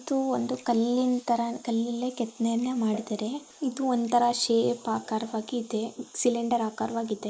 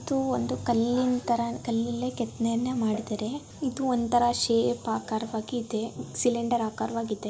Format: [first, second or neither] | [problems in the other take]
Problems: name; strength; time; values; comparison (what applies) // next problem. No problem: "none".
second | noise reduction (neural mask model Resemble Enhance denoiser)